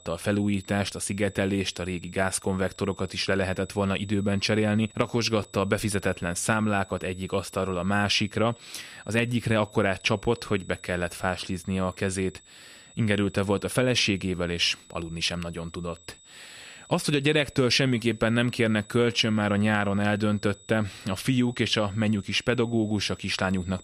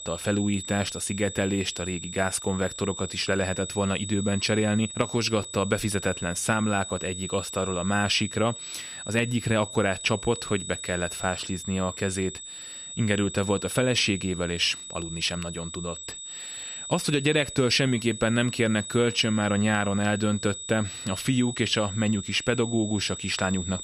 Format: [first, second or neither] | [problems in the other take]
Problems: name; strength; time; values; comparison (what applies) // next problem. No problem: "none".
first | high-pitched whine; loud; throughout; 8 kHz, 9 dB below the speech; faint in the first